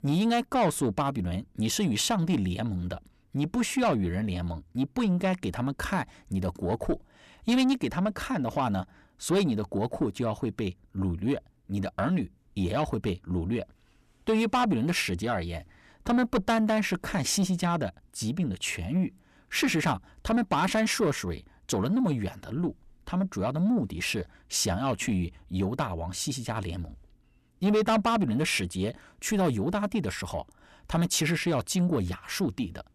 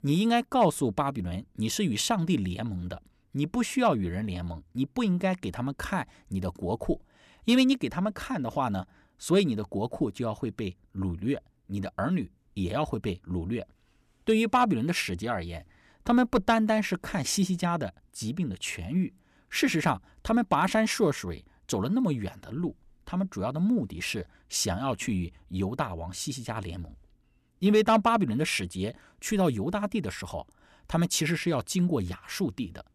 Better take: second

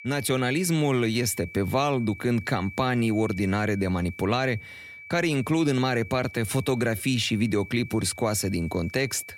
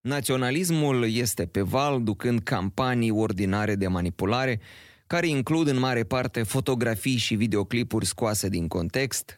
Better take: second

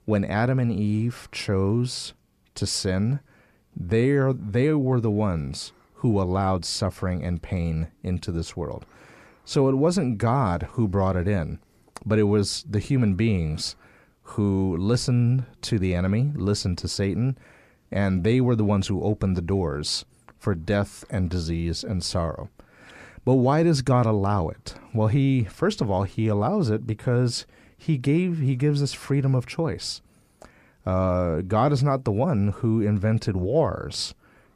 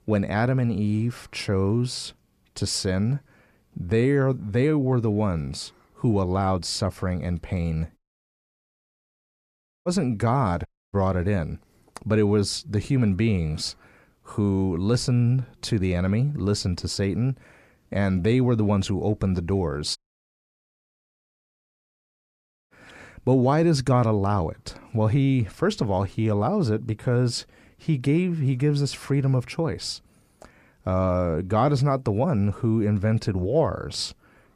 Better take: first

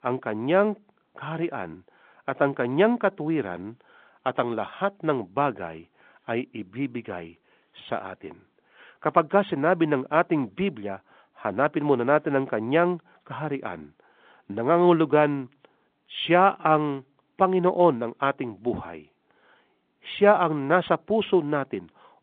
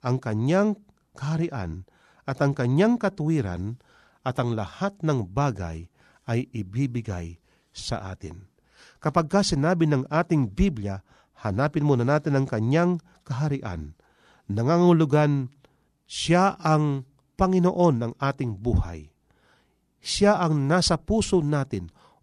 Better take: second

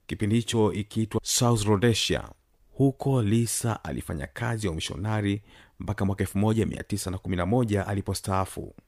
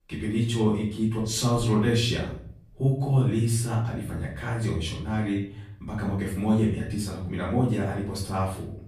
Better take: first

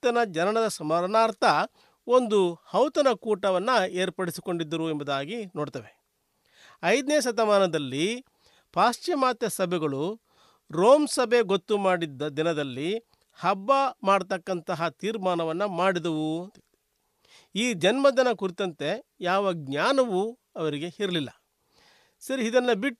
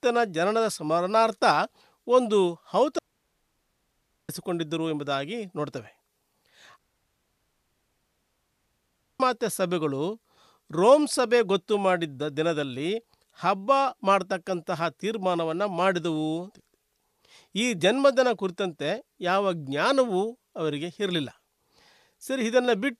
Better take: first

